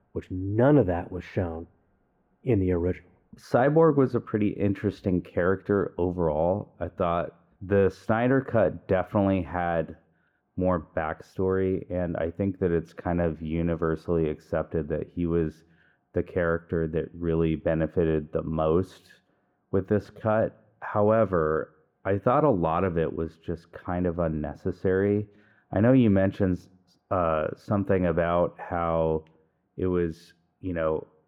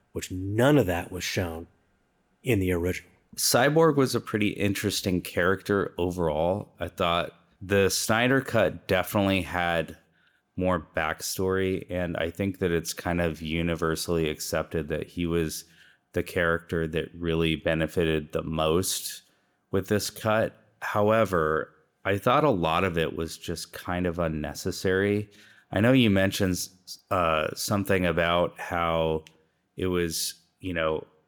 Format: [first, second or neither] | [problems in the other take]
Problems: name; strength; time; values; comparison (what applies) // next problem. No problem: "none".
second | muffled; very; fading above 3 kHz